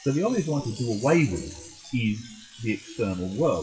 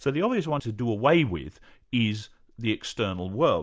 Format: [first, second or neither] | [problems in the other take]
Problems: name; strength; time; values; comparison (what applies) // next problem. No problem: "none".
second | noise reduction (classical method WPE with log-MMSE)